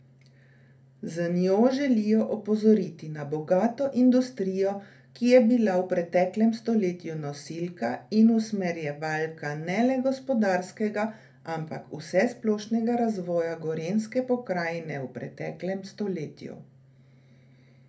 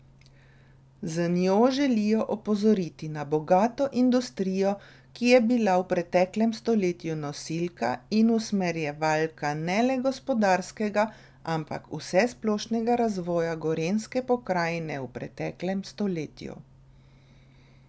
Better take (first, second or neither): second